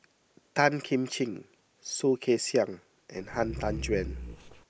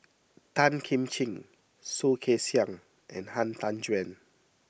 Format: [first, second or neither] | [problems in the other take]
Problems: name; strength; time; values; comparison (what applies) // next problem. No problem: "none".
second | background sound (Growling); 7 dB below the speech